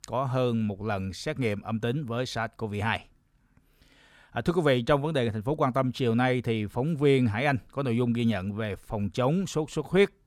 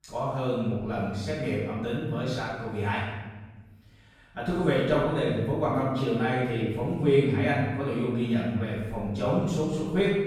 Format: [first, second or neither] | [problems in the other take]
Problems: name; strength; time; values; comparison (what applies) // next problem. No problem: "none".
first | off-mic speech; far // room echo; strong; dies away in 1.2 s